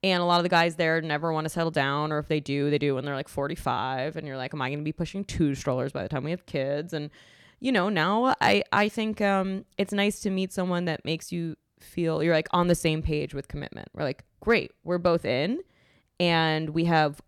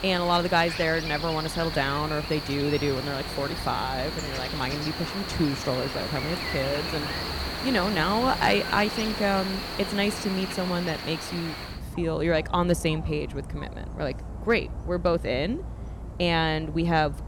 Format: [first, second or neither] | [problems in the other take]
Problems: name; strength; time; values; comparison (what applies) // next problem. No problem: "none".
first | animal sounds; loud; throughout; 6 dB below the speech